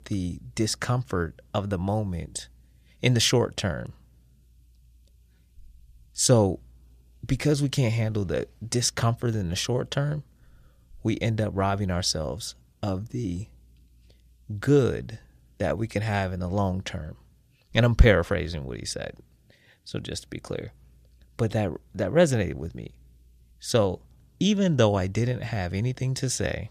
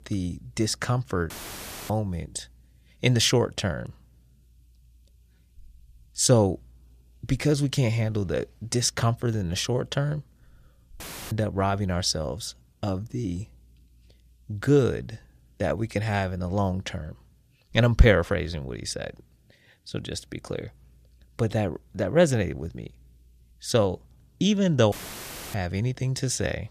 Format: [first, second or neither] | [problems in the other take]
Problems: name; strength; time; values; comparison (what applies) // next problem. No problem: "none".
first | audio cutting out; filled with static; at 1.5 s for 0.5 s, at 11 s and at 25 s for 0.5 s